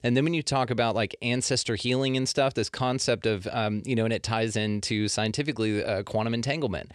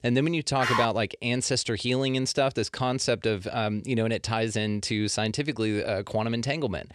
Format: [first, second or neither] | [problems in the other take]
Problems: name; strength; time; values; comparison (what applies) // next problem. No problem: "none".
first | dog barking; loud; at 0.5 s; peak level with the speech